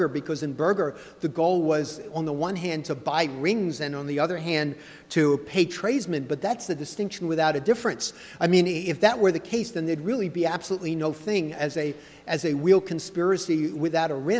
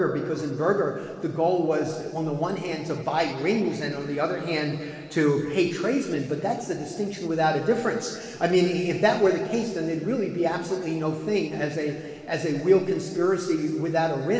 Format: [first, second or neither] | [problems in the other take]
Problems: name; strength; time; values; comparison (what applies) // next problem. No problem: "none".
first | room echo; dies away in 2.3 s